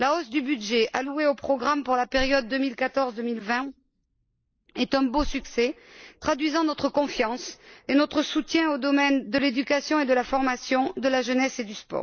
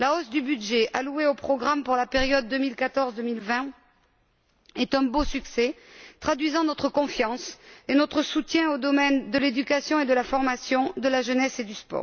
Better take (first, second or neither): second